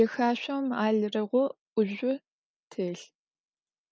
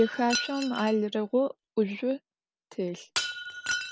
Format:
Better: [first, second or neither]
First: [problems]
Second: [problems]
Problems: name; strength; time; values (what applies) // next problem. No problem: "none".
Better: first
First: none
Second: background sound (Shatter); 8 dB below the speech